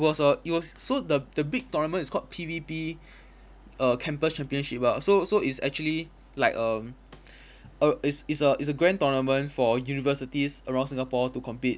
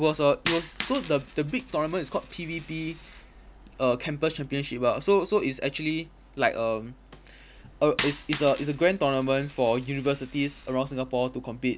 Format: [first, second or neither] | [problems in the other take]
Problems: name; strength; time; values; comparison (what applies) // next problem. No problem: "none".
first | background sound (Coin (dropping)); 13 dB below the speech